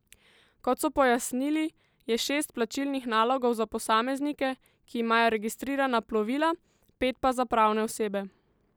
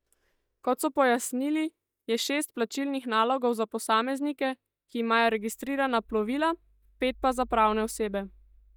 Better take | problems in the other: first | noise reduction (neural mask model DeepFilterNet 3)

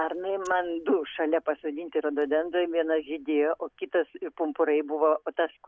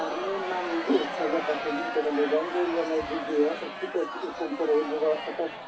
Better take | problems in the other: first | background sound (Crowd); 6 dB below the speech // room echo; dies away in 0.3 s

